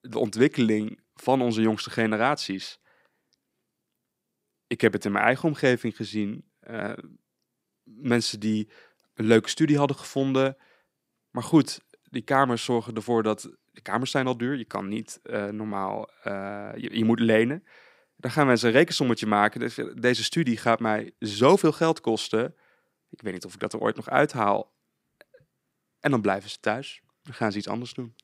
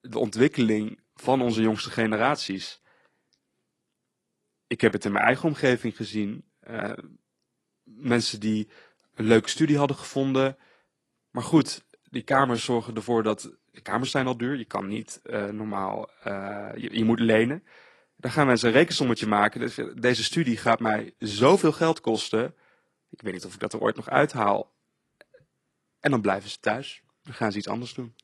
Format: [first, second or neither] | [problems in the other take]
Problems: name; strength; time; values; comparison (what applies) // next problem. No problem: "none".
first | garbled, watery; slightly